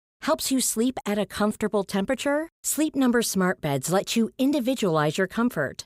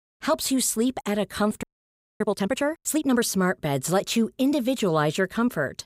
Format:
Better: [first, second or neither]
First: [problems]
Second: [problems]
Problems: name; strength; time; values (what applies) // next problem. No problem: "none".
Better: first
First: none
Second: audio freezing; at 1.5 s for 0.5 s